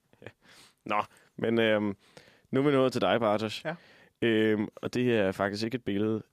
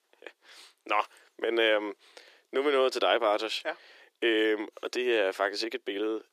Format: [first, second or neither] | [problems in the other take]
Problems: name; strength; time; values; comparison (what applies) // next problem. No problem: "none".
first | thin; very; fading below 350 Hz